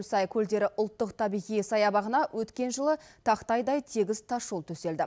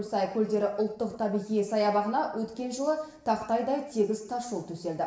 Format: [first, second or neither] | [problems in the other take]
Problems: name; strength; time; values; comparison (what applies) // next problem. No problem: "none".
first | room echo; dies away in 0.8 s